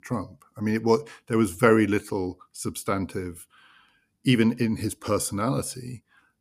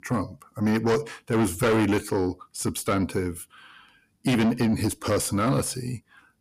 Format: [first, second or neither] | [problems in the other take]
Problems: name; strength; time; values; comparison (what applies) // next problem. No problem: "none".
first | distortion; heavy; 6 dB below the speech